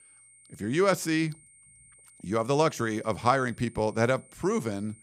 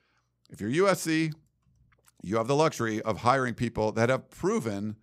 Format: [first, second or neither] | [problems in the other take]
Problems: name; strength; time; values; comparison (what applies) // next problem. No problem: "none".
second | high-pitched whine; faint; throughout; 9 kHz, 25 dB below the speech